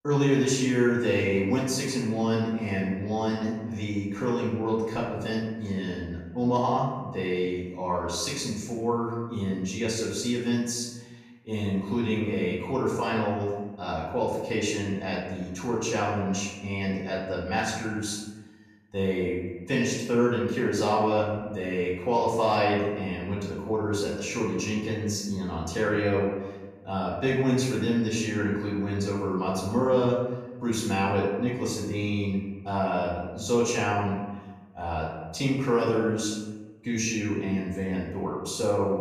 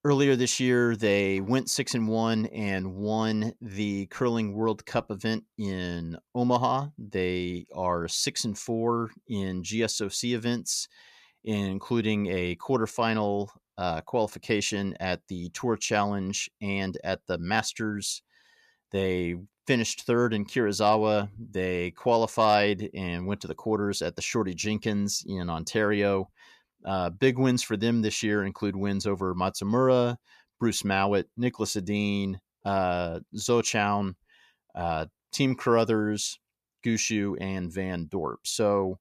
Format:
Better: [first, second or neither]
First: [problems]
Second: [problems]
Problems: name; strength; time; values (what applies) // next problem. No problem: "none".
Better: second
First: off-mic speech; far // room echo; noticeable; dies away in 1.1 s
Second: none